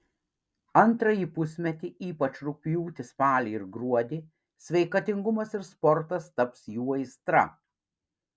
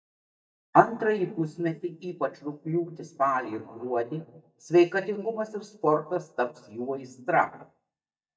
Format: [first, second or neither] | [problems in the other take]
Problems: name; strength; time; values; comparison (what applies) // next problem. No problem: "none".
first | noise reduction (neural mask model DeepFilterNet 3)